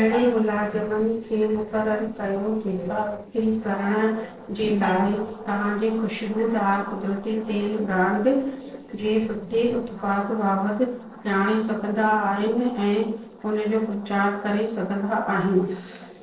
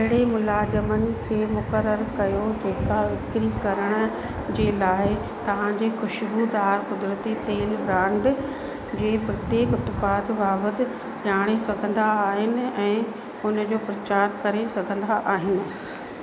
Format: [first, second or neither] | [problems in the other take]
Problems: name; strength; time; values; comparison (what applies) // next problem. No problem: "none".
second | noise reduction (neural separator model SepFormer DNS4)